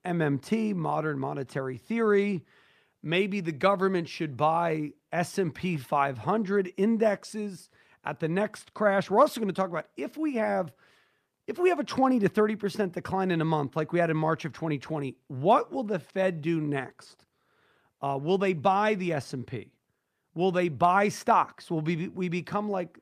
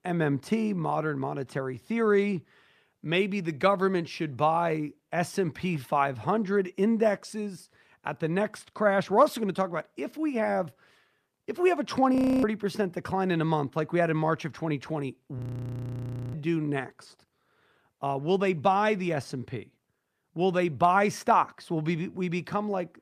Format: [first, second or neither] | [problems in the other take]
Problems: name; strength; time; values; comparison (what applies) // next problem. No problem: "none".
first | audio freezing; at 12 s and at 15 s for 1 s